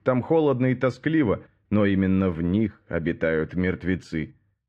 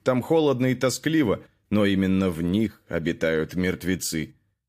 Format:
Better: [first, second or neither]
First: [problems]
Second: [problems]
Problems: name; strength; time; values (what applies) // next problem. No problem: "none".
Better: second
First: muffled; very; fading above 2 kHz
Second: none